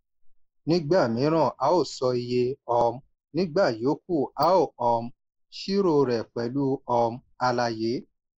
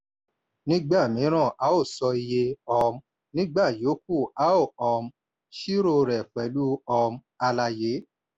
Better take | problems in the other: second | noise reduction (neural mask model Resemble Enhance denoiser)

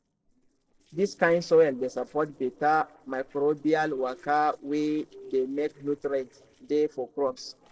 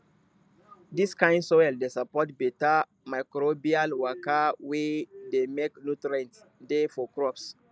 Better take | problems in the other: second | noise reduction (neural separator model SepFormer DNS4)

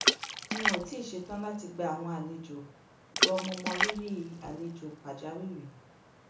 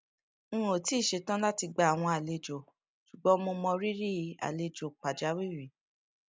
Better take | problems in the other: second | background sound (Water / Splash, splatter); 3 dB above the speech // room echo; dies away in 1 s

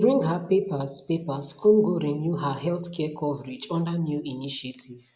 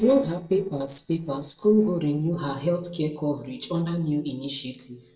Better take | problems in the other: first | noise reduction (neural separator model SepFormer DNS4)

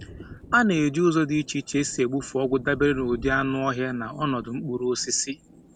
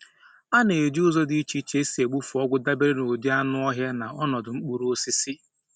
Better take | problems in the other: second | background sound (Thunder); 19 dB below the speech

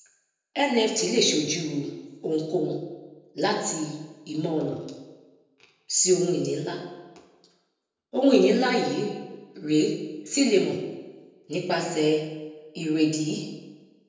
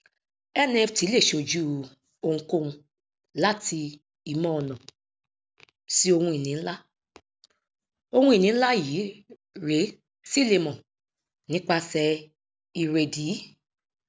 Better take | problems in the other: second | room echo; dies away in 1 s

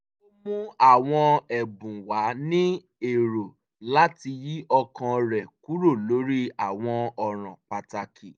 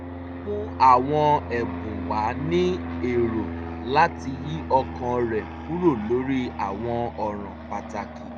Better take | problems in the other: first | background sound (Fixed-wing aircraft, airplane); 9 dB below the speech

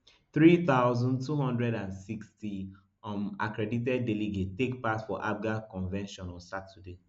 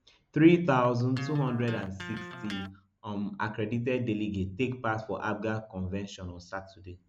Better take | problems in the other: first | background sound (Electric guitar); 14 dB below the speech

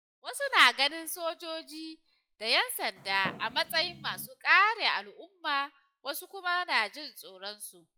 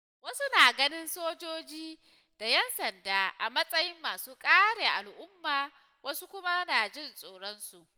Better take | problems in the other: second | noise reduction (classical method log-MMSE)

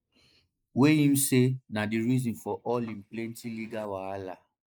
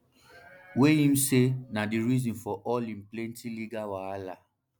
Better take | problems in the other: second | noise reduction (neural mask model Resemble Enhance denoiser)

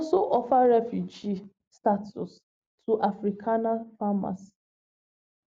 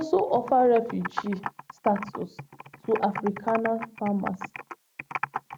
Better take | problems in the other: first | background sound (Computer keyboard); 10 dB below the speech

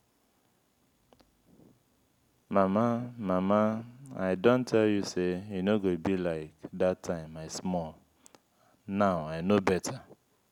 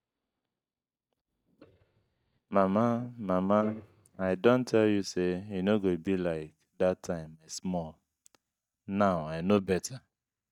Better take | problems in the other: first | noise reduction (neural mask model DeepFilterNet 3)

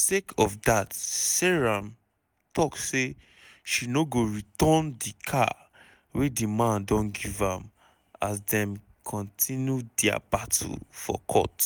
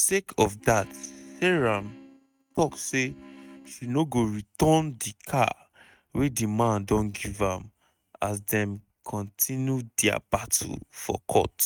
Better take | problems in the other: first | noise reduction (neural mask model RNNoise)

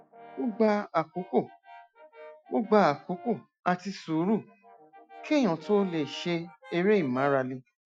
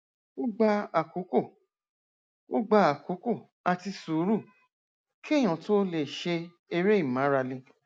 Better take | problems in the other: second | noise reduction (classical method Wiener filter)

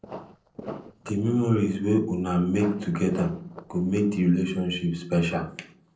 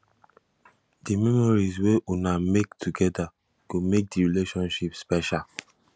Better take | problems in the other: second | noise reduction (neural separator model SepFormer DNS4)

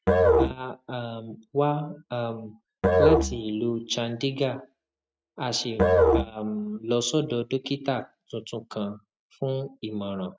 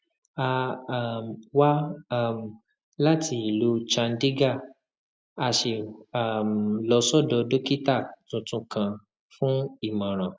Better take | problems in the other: second | noise reduction (neural mask model RNNoise)

